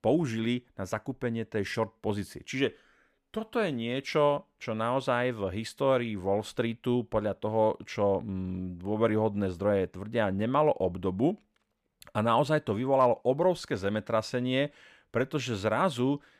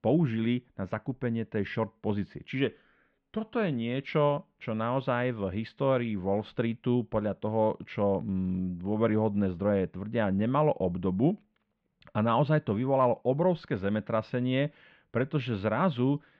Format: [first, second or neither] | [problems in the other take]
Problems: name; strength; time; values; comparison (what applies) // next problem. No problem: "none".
first | muffled; slightly; fading above 3.5 kHz